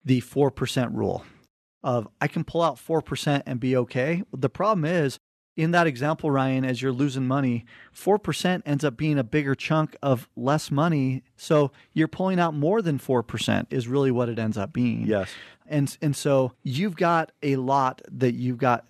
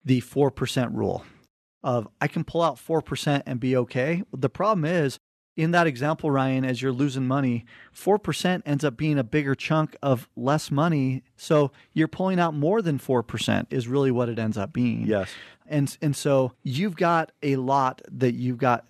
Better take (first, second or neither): neither